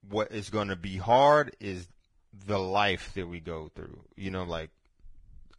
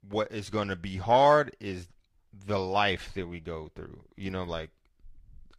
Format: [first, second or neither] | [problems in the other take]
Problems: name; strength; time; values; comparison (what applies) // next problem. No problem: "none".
second | garbled, watery; badly; nothing above 10.5 kHz; slightly in the second